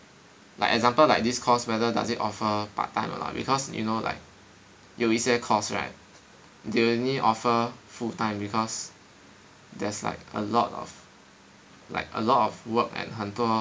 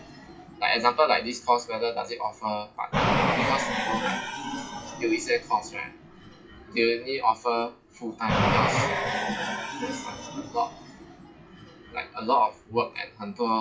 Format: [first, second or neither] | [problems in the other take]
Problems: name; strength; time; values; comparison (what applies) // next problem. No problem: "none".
first | noise reduction (classical method WPE with log-MMSE)